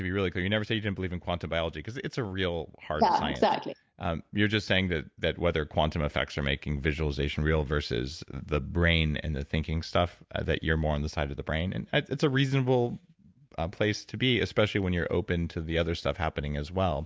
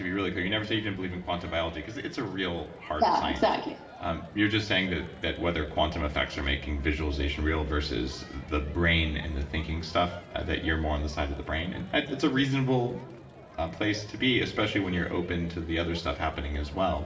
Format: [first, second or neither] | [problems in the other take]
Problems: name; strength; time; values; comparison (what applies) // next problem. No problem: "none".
first | background sound (Crowd); 20 dB below the speech // room echo; dies away in 0.7 s